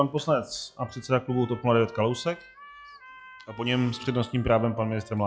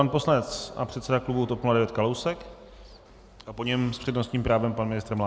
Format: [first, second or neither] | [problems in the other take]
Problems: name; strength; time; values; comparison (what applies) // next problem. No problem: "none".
second | noise reduction (classical method log-MMSE)